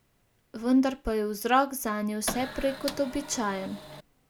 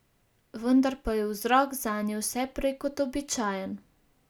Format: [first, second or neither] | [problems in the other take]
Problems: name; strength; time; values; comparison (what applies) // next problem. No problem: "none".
second | background sound (Printer); 10 dB below the speech